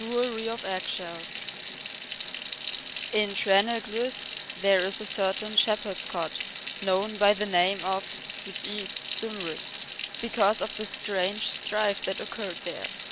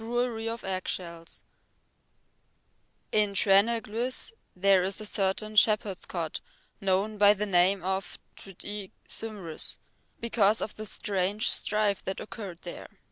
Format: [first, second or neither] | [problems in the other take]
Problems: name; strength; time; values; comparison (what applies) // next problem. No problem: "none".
second | background sound (Sink (filling or washing) / Water tap, faucet); 8 dB below the speech